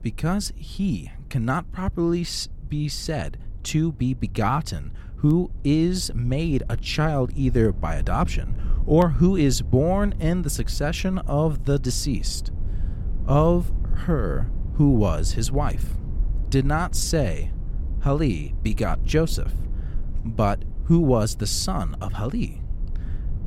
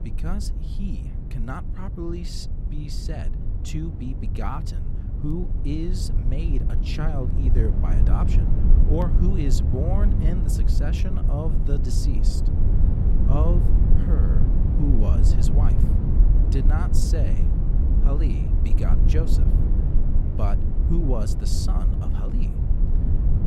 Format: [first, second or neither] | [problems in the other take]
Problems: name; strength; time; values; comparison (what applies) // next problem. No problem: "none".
first | low rumble; loud; throughout; 2 dB below the speech; faint in the first